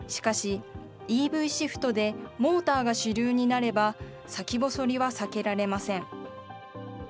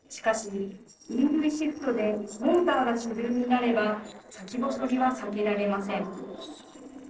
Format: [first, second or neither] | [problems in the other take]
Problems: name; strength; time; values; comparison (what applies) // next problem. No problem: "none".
first | noise reduction (neural separator model SepFormer DNS4)